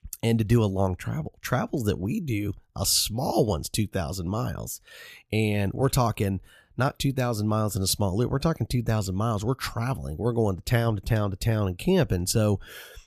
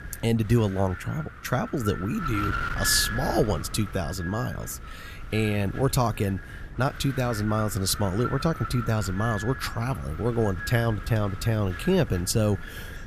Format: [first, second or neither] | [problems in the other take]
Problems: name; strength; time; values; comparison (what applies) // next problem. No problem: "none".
first | wind noise on the microphone; heavy; 5 dB below the speech